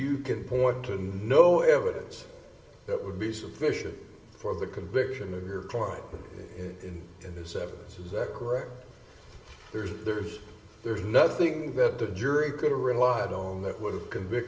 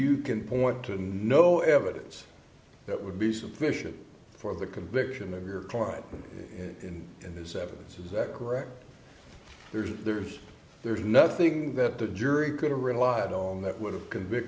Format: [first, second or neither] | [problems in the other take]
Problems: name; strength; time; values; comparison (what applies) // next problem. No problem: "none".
second | room echo; dies away in 2.8 s